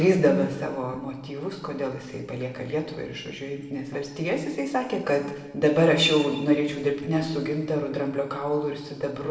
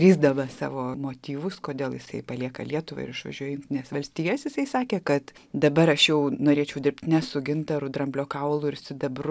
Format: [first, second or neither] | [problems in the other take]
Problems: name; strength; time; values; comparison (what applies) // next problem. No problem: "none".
second | room echo; dies away in 1.1 s